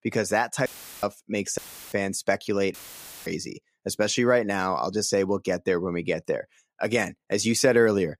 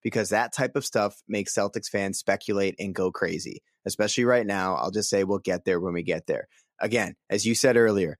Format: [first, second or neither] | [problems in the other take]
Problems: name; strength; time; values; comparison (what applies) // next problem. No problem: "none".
second | audio cutting out; filled with static; at 0.5 s, at 1.5 s and at 2.5 s for 0.5 s